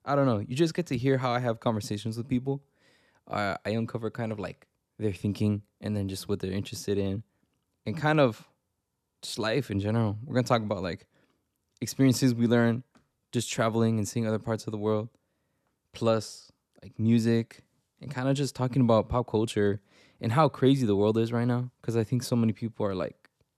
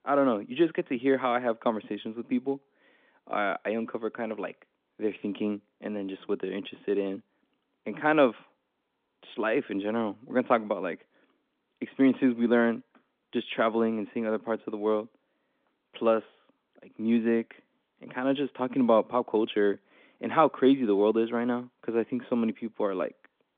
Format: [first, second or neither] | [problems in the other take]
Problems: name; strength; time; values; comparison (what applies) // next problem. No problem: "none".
first | phone-call audio; nothing above 3.5 kHz